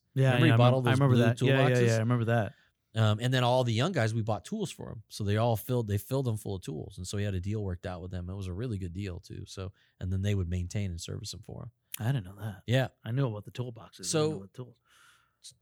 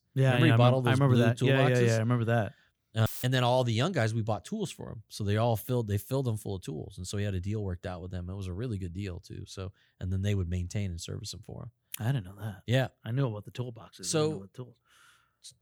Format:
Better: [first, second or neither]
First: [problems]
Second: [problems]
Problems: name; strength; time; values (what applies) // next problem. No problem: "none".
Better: first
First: none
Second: audio cutting out; filled with static; at 3 s